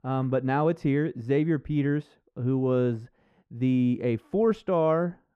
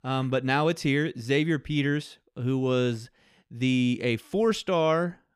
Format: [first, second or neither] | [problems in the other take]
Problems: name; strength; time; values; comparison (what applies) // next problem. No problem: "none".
second | muffled; very; fading above 2 kHz